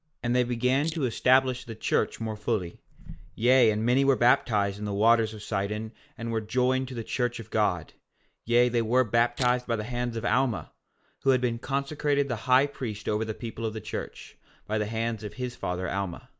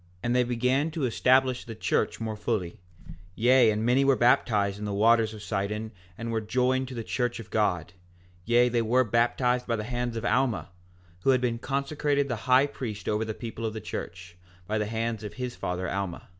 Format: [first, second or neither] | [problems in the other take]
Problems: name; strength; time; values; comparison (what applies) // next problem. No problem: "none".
second | noise reduction (neural mask model Resemble Enhance denoiser)